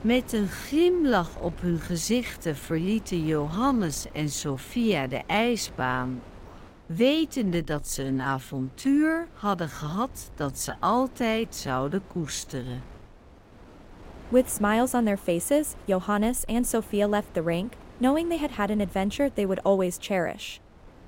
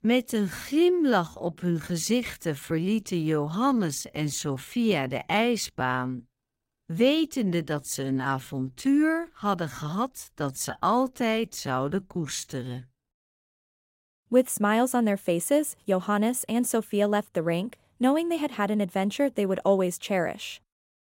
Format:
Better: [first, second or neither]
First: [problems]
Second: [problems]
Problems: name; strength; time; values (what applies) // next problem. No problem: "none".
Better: second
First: wind noise on the microphone; occasional gusts; 20 dB below the speech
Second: none